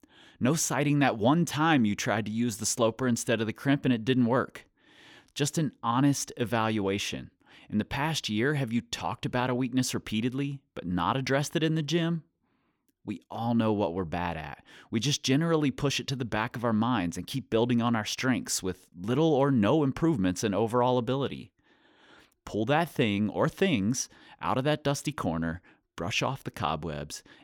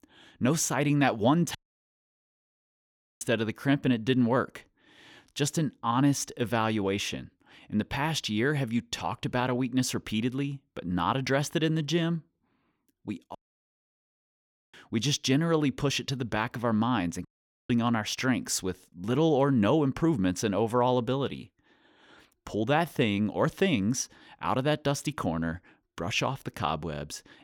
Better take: first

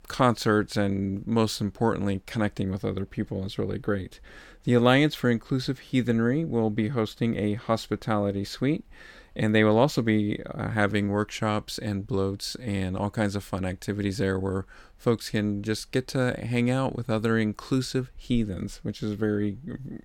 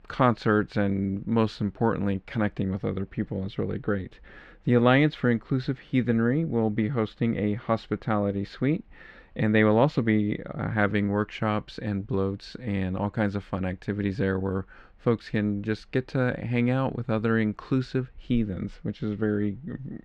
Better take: first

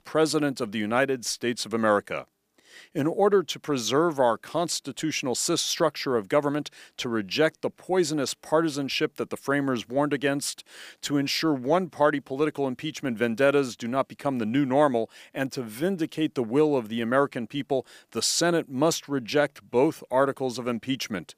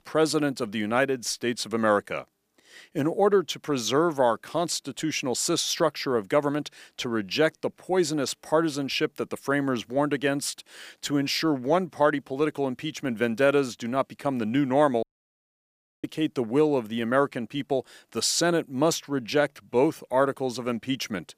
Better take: first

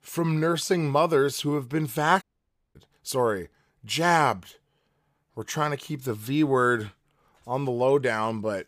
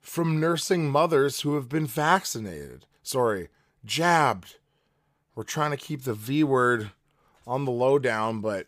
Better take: second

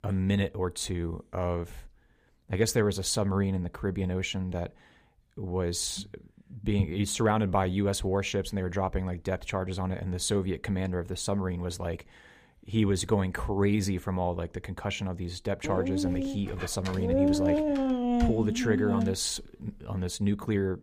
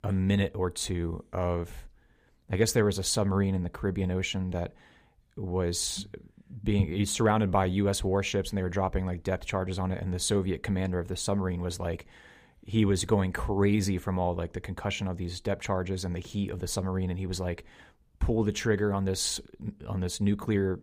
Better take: second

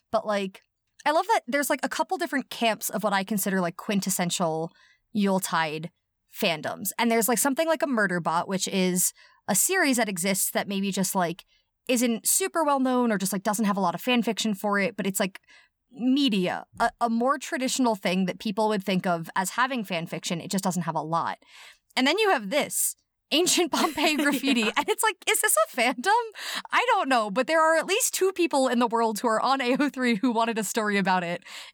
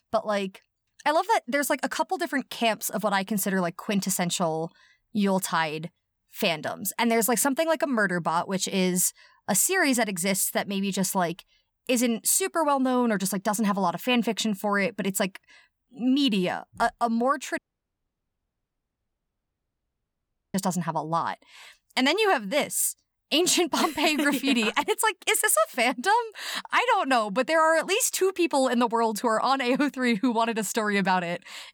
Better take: first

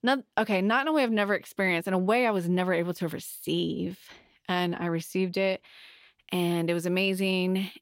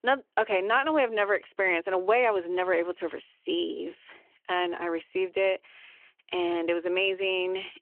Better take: first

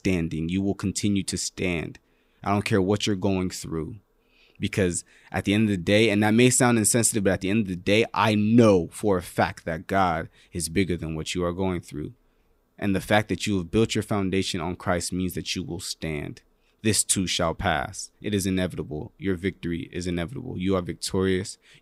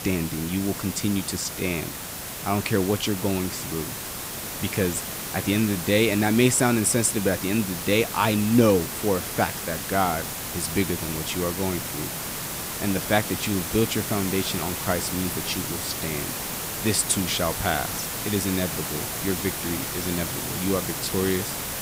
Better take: first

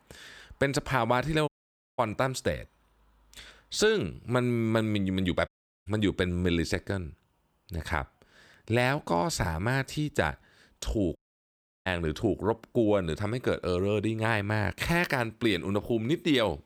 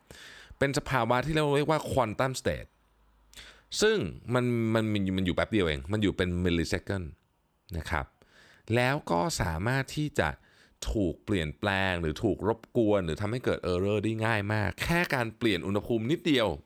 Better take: second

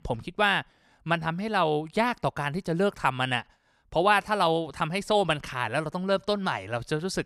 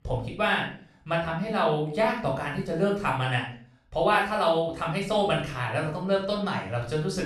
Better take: first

